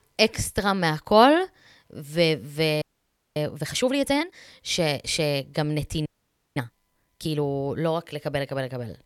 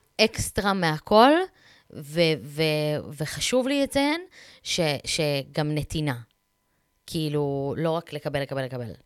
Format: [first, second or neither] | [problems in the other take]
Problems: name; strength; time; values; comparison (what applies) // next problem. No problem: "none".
second | audio freezing; at 3 s for 0.5 s and at 6 s for 0.5 s